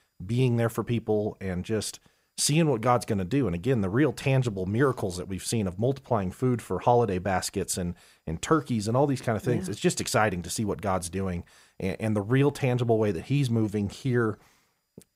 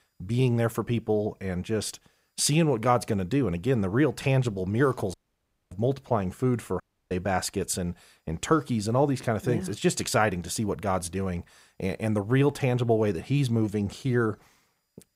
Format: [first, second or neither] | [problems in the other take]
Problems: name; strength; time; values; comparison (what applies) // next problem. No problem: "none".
first | audio cutting out; at 5 s for 0.5 s and at 7 s